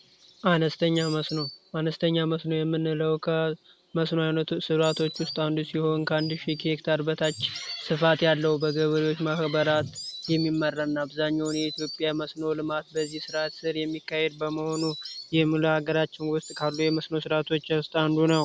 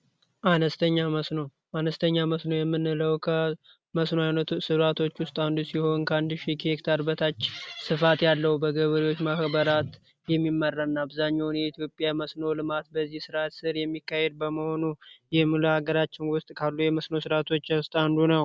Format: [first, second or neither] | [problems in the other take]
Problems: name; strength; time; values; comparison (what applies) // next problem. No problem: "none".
second | background sound (Insect); 17 dB below the speech